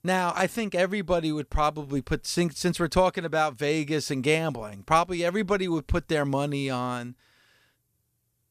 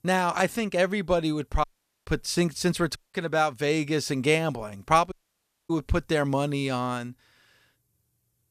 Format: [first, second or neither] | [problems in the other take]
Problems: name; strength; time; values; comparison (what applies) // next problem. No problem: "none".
first | audio cutting out; at 1.5 s, at 3 s and at 5 s for 0.5 s